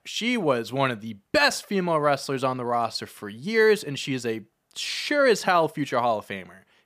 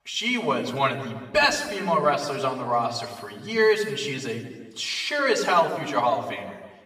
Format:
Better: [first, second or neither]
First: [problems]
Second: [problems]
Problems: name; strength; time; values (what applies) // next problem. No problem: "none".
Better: first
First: none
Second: room echo; noticeable; dies away in 1.1 s // off-mic speech; far